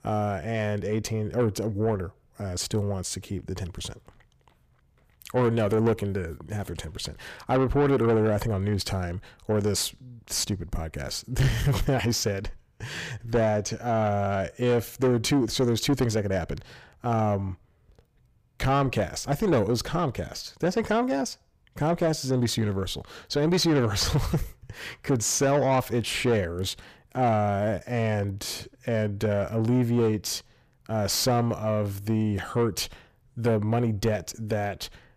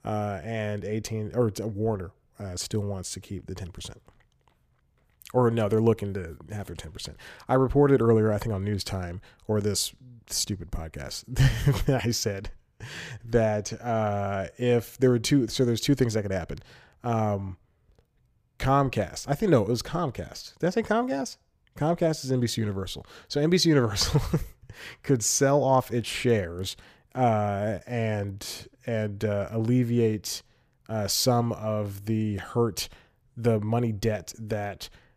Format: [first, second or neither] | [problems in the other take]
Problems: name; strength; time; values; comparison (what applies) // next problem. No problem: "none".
second | distortion; slight; 10 dB below the speech